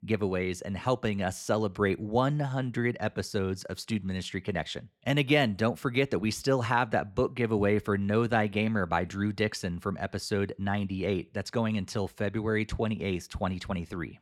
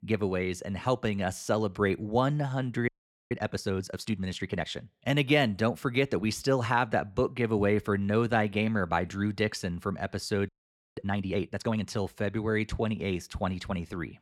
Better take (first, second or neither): first